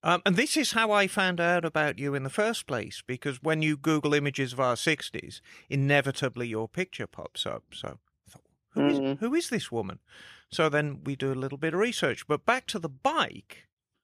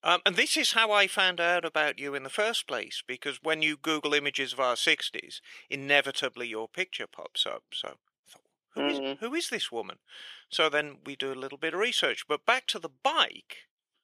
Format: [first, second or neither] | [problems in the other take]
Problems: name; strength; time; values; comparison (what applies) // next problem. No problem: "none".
first | thin; somewhat; fading below 400 Hz